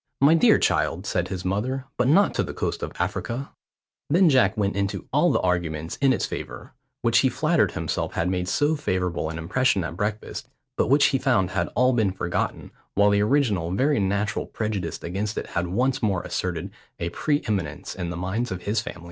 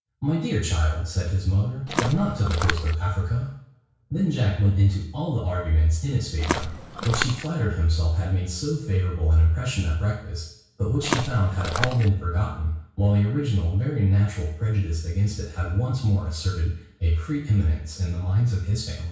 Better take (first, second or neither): first